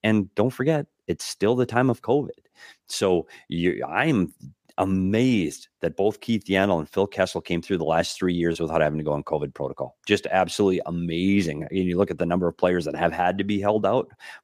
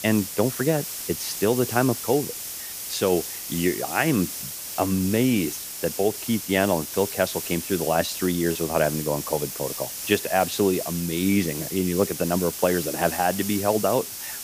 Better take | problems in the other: first | hiss; loud; throughout; 6 dB below the speech

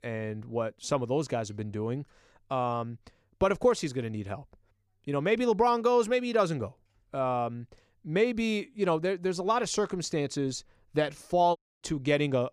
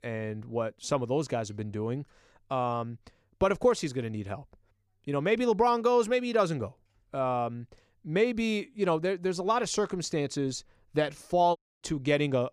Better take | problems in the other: neither | audio cutting out; at 12 s; the same in both

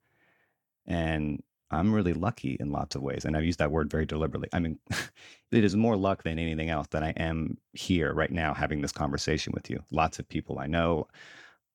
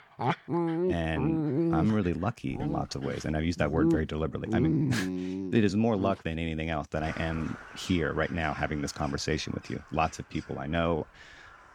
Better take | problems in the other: first | animal sounds; loud; throughout; 1 dB below the speech

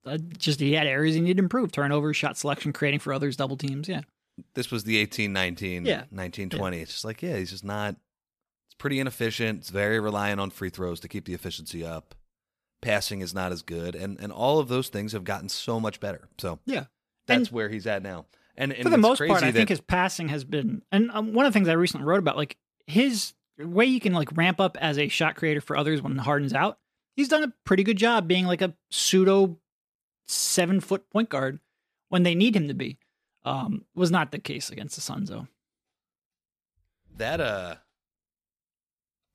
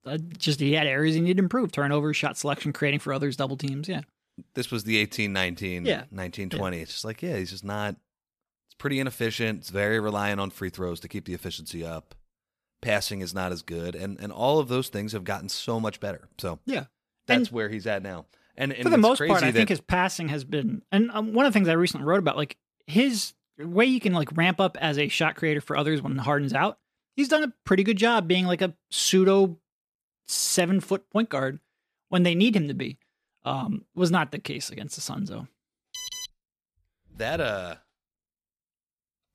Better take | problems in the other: first | alarm; noticeable; at 36 s; peak 8 dB below the speech

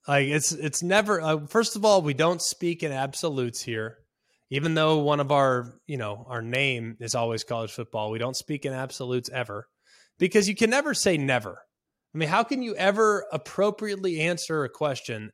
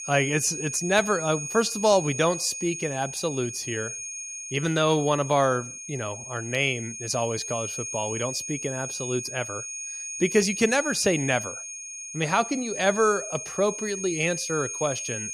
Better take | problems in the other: first | high-pitched whine; loud; throughout; 6.5 kHz, 7 dB below the speech

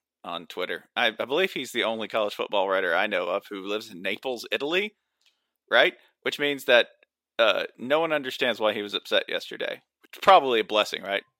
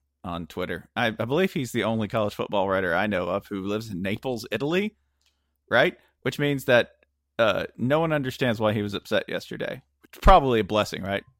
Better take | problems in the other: second | thin; somewhat; fading below 400 Hz

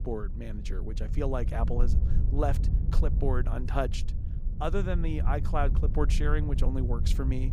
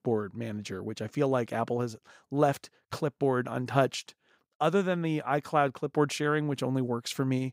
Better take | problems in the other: second | wind noise on the microphone; occasional gusts; 10 dB below the speech

